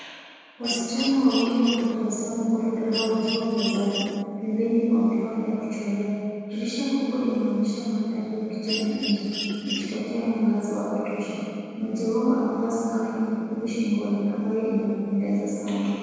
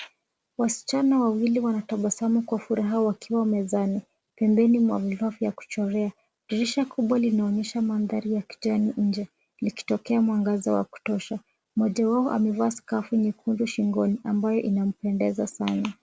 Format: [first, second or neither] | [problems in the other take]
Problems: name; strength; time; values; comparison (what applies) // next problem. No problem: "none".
second | background sound (Mechanisms); 8 dB below the speech // room echo; dies away in 2.1 s